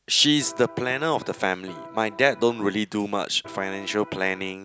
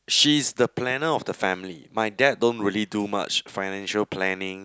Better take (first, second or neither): second